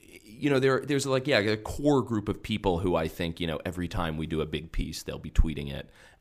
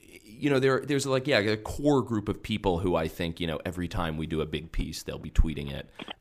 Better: first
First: none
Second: phone ringing; faint; from 5 s on; peak 15 dB below the speech

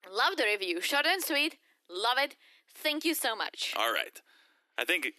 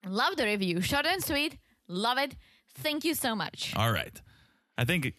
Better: second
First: thin; very; fading below 300 Hz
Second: none

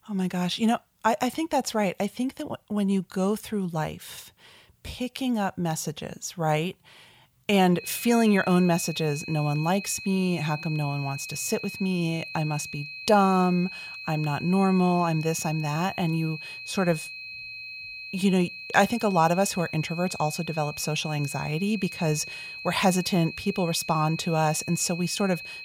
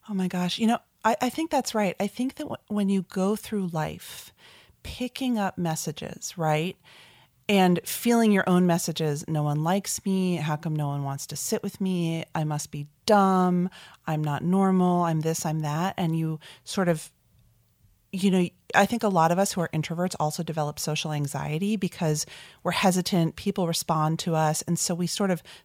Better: second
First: high-pitched whine; noticeable; from 8 s on; 2.5 kHz, 10 dB below the speech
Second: none

